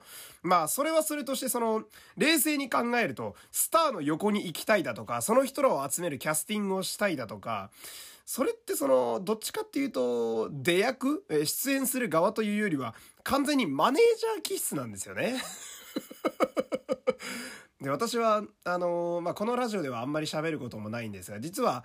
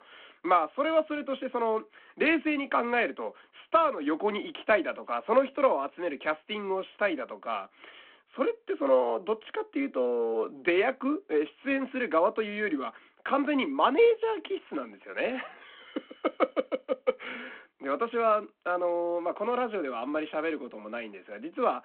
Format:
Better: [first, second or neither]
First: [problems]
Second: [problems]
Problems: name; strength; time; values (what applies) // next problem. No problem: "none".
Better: first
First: none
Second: phone-call audio